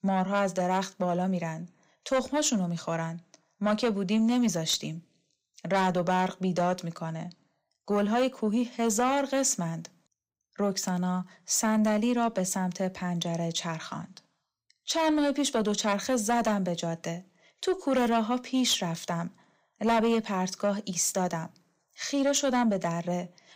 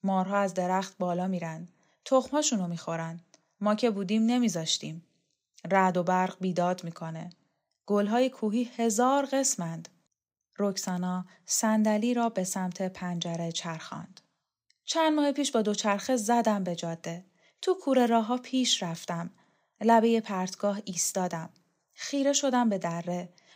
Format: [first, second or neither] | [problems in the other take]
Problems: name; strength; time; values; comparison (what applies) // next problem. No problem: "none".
second | distortion; slight; 10 dB below the speech